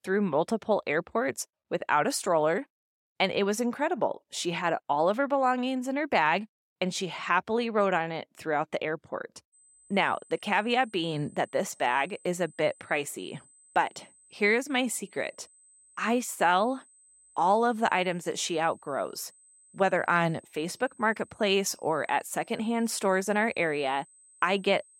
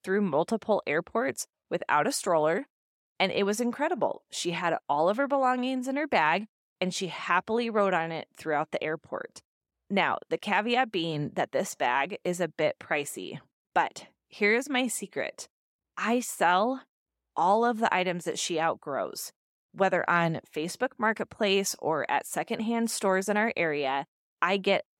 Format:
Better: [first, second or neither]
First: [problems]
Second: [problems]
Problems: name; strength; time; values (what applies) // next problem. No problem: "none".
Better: second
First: high-pitched whine; faint; from 9.5 s on; 8 kHz, 30 dB below the speech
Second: none